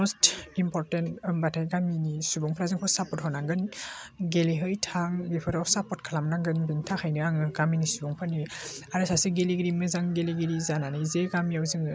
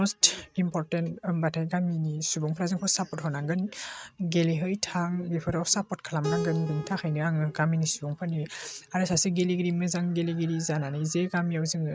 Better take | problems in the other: first | noise reduction (neural mask model RNNoise)

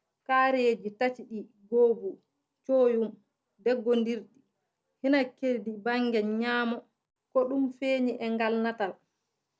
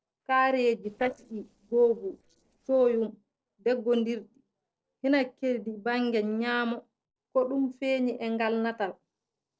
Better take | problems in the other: first | noise reduction (neural separator model SepFormer DNS4)

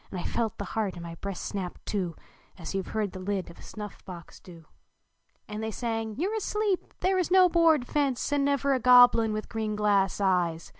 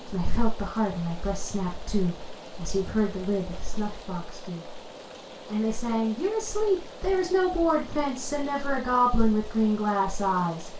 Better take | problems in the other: first | background sound (Rain); 18 dB below the speech // room echo; dies away in 0.2 s

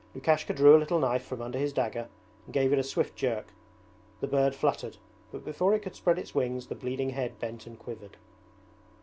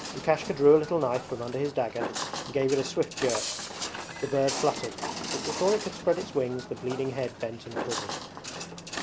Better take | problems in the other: first | background sound (Walk, footsteps); 8 dB below the speech

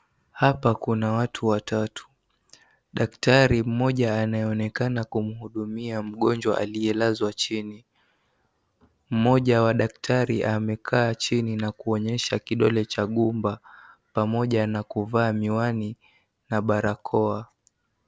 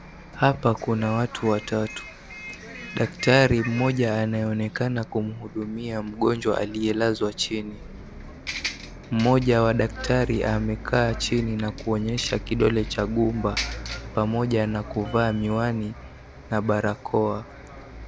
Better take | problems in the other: first | background sound (Bus); 12 dB below the speech

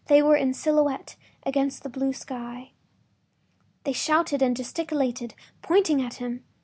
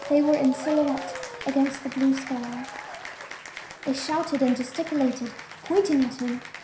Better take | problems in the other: first | background sound (Applause / Cheering); 12 dB below the speech // room echo; dies away in 0.5 s

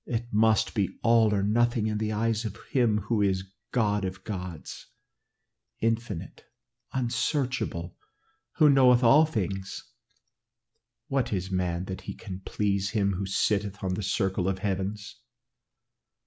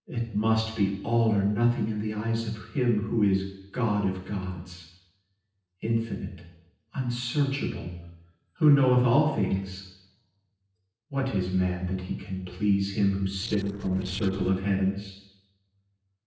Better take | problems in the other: first | noise reduction (neural separator model SepFormer DNS4)

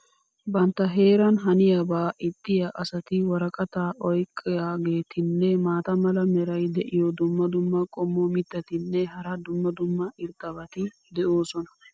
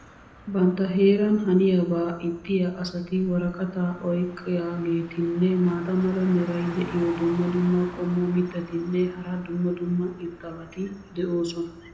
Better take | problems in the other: first | background sound (Car); 19 dB below the speech // room echo; dies away in 0.6 s

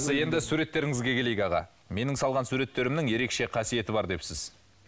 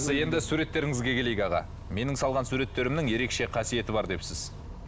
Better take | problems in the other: first | background sound (Bus); 12 dB below the speech

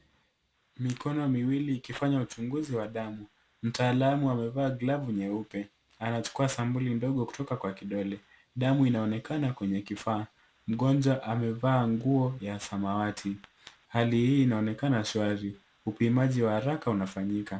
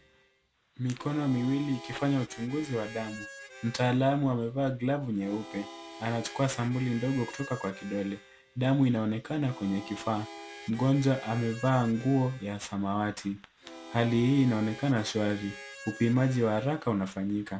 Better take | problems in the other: first | background sound (Harmonica); 17 dB below the speech

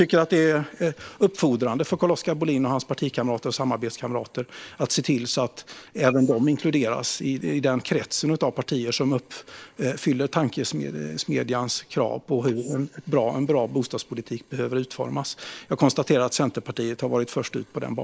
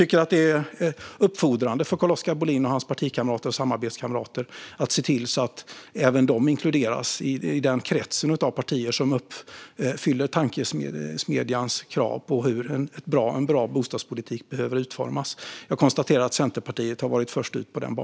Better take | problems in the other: second | noise reduction (neural mask model Resemble Enhance denoiser)

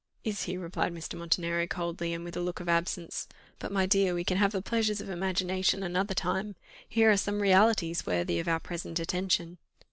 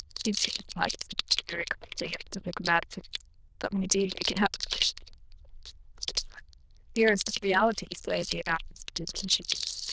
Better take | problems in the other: first | noise reduction (neural diffusion model UNIVERSE++)

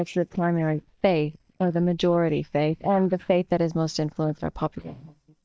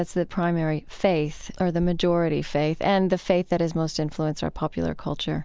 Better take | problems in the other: second | noise reduction (neural mask model DeepFilterNet 3)

